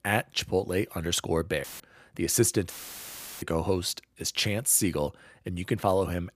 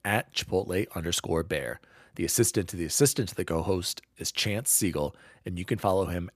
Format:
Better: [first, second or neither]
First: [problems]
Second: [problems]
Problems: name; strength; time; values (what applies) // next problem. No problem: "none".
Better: second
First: audio cutting out; filled with static; at 1.5 s and at 2.5 s for 0.5 s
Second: none